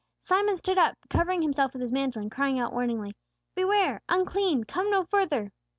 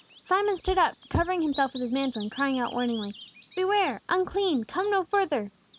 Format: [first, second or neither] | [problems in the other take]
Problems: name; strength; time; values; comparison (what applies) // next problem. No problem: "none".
first | background sound (Bass drum + Bird vocalization, bird call, bird song); 19 dB below the speech